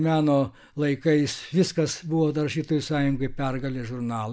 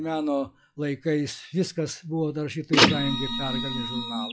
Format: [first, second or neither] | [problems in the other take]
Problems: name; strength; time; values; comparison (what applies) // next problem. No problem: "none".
first | noise reduction (classical method log-MMSE)